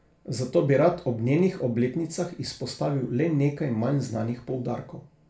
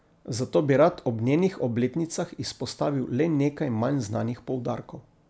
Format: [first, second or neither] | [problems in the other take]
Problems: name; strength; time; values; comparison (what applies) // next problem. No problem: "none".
second | room echo; dies away in 0.3 s